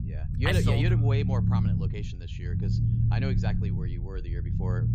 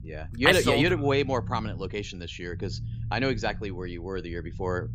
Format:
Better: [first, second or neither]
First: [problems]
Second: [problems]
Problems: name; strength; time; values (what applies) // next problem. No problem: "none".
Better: second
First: low rumble; loud; throughout; 4 dB below the speech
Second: low rumble; faint; throughout; 25 dB below the speech